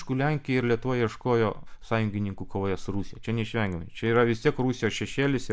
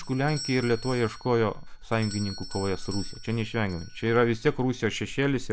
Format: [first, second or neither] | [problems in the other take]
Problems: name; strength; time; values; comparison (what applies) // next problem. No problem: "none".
first | background sound (Doorbell); 17 dB below the speech